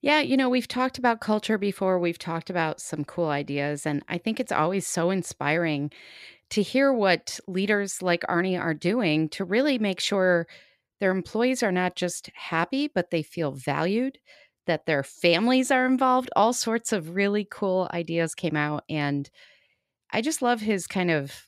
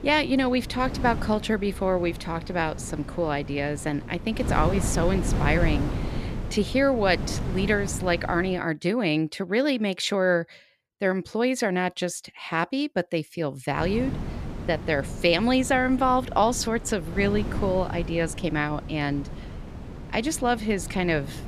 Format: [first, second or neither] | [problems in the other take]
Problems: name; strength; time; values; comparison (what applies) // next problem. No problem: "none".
first | wind noise on the microphone; occasional gusts; until 8.5 s and from 14 s on; 15 dB below the speech